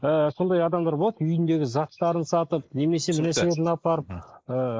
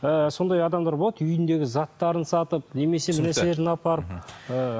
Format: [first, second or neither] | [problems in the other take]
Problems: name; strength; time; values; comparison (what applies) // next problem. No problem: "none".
second | noise reduction (neural mask model Resemble Enhance denoiser)